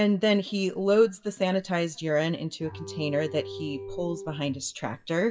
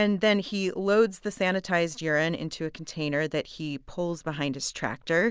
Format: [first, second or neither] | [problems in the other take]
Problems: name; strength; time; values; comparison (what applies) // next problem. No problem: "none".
second | noise reduction (classical method WPE with log-MMSE)